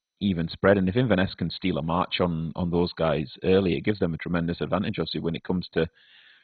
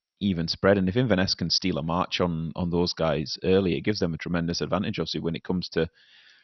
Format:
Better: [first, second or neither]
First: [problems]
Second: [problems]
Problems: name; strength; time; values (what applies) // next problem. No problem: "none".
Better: second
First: garbled, watery; badly; nothing above 4 kHz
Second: garbled, watery; slightly; nothing above 6 kHz